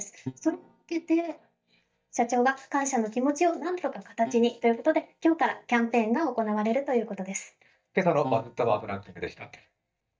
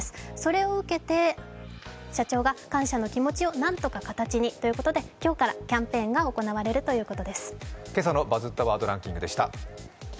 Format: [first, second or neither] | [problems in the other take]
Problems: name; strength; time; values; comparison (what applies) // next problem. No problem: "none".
second | noise reduction (neural mask model DeepFilterNet 3)